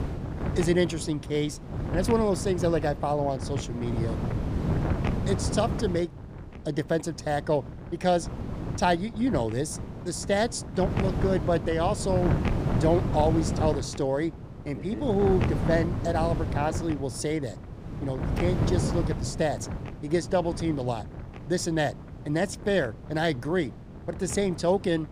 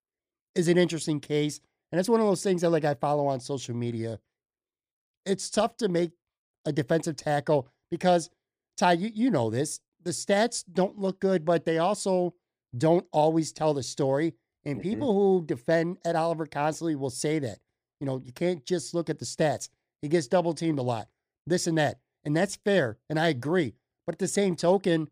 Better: second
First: wind noise on the microphone; heavy; 9 dB below the speech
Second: none

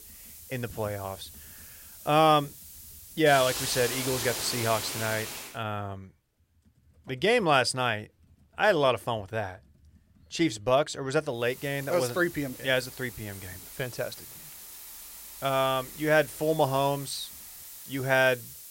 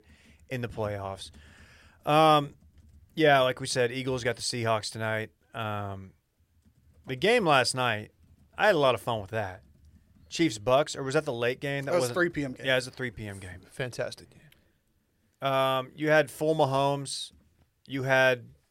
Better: second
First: hiss; noticeable; until 5.5 s and from 11 s on; 10 dB below the speech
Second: none

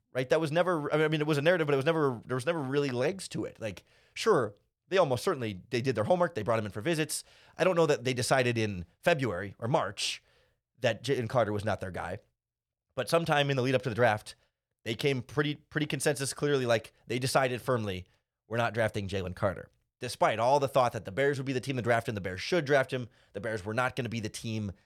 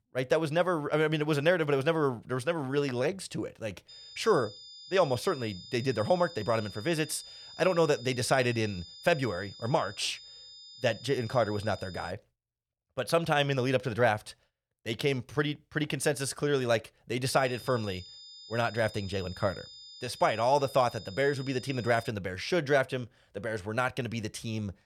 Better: first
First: none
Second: high-pitched whine; noticeable; from 4 to 12 s and from 17 to 22 s; 5 kHz, 15 dB below the speech

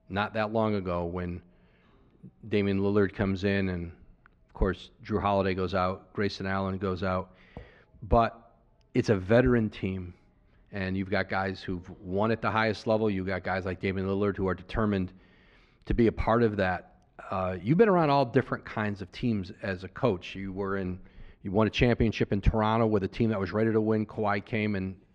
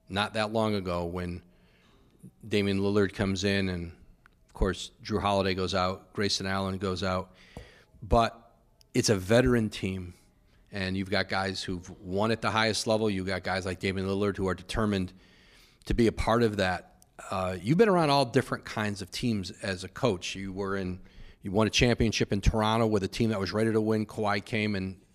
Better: second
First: muffled; slightly; fading above 2.5 kHz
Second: none

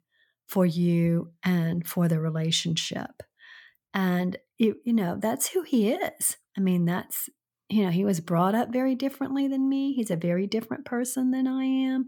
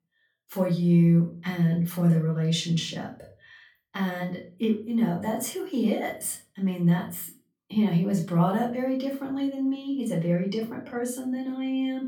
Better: first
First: none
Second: room echo; slight; dies away in 0.3 s // off-mic speech; far

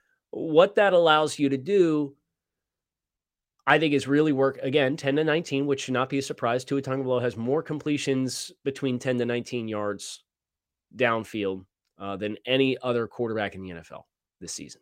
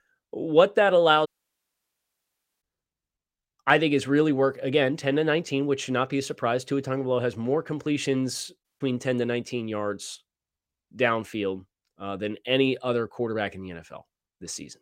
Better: first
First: none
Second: audio cutting out; at 1.5 s for 1.5 s and at 8.5 s

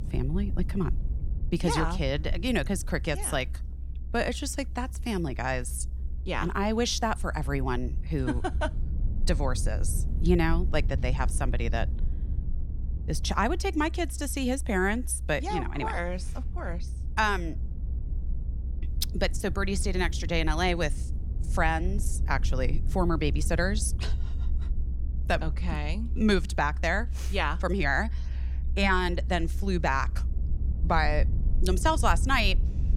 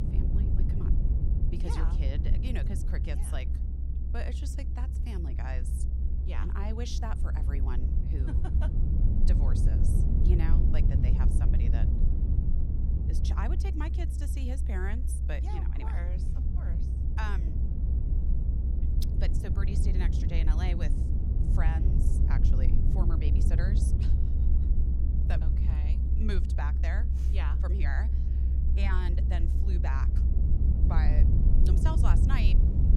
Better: first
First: low rumble; faint; throughout; 20 dB below the speech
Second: low rumble; loud; throughout; 2 dB below the speech

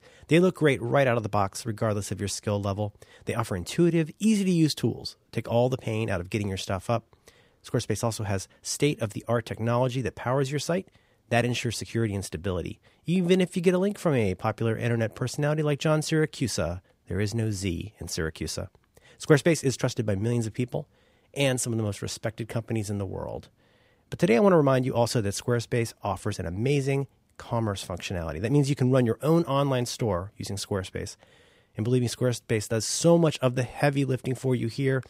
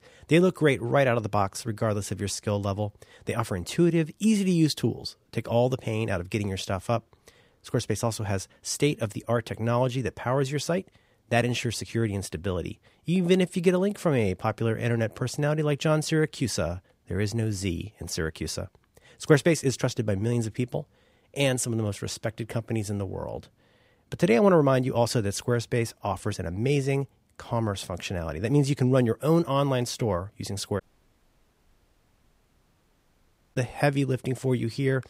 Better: first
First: none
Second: audio cutting out; at 31 s for 3 s

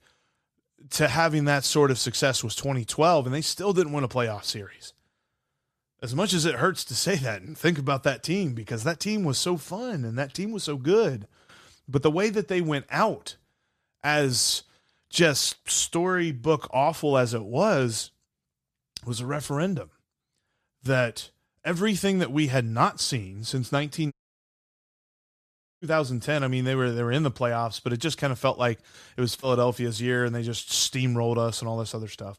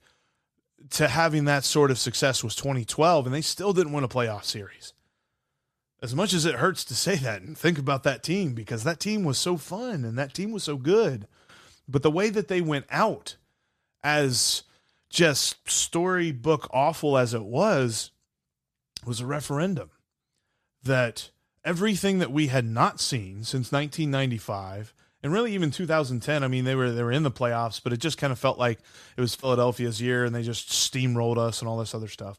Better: second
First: audio cutting out; at 24 s for 1.5 s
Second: none

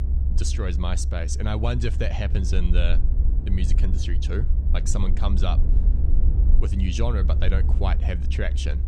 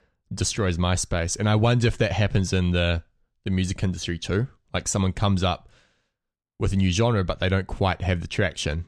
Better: second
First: low rumble; loud; throughout; 9 dB below the speech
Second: none

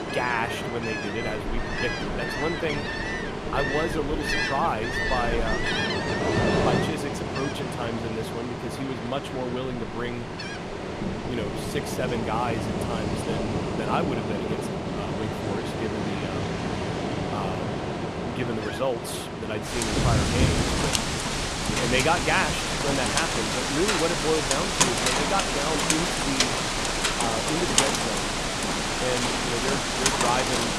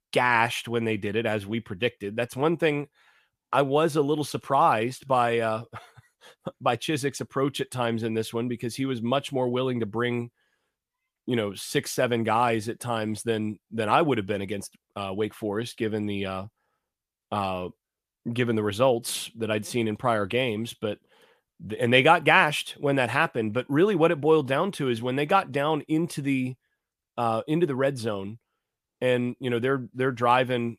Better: second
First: rain or running water; very loud; throughout; 4 dB above the speech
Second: none

